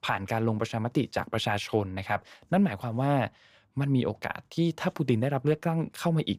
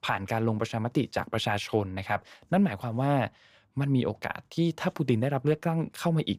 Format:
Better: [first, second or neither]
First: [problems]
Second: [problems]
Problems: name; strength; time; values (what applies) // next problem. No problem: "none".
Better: neither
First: none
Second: none